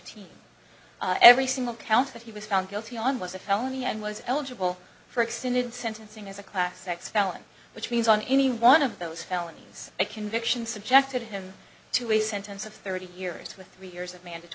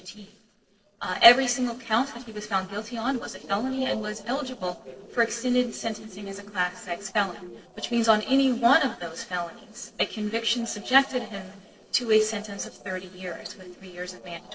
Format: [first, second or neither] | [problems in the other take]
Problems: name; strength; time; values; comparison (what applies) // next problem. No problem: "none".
first | noise reduction (neural separator model SepFormer DNS4)